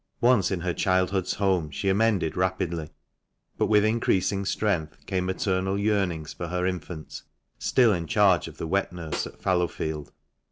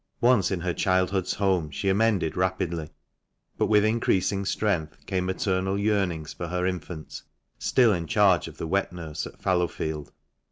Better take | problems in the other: second | background sound (Snare drum); 14 dB below the speech

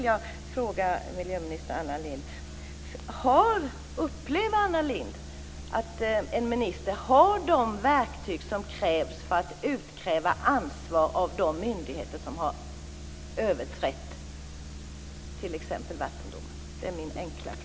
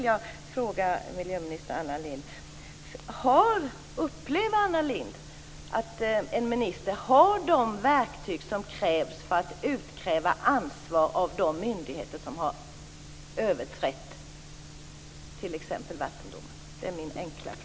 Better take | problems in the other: second | background sound (Musical instrument); 14 dB below the speech

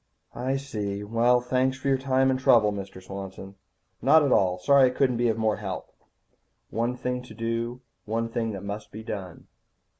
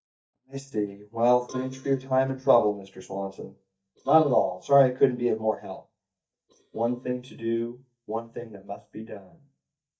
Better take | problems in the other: first | noise reduction (neural mask model DeepFilterNet 3)

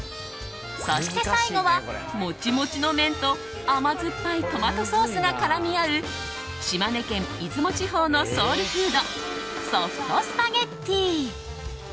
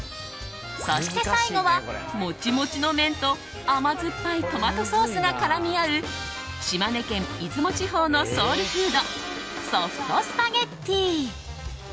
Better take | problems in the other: second | background sound (Wind instrument, woodwind instrument); 17 dB below the speech

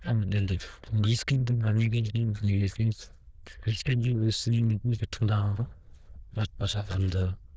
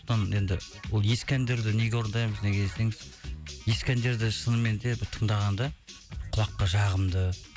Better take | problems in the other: second | noise reduction (neural diffusion model UNIVERSE++)

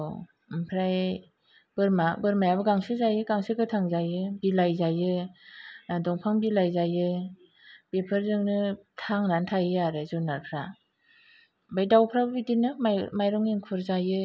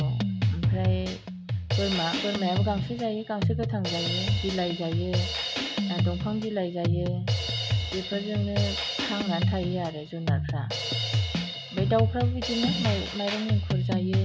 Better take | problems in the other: first | background sound (Drum kit); 4 dB above the speech

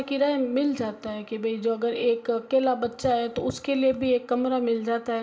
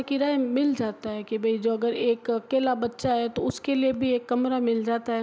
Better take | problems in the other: second | room echo; dies away in 0.4 s

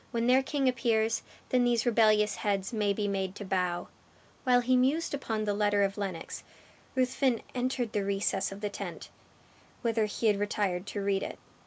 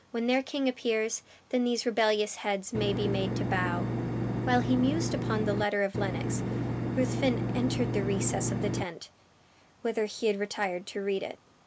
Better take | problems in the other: first | background sound (Engine); as loud as the speech

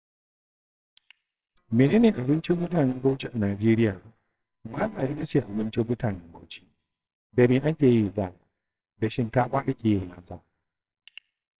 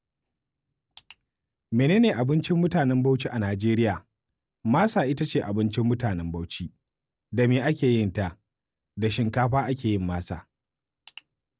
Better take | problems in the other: second | noise reduction (neural separator model SepFormer WHAMR!)

